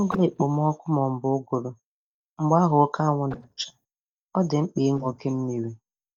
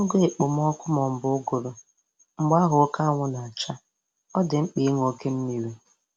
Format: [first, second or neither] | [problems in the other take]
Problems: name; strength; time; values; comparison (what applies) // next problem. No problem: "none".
second | noise reduction (neural mask model DeepFilterNet 3)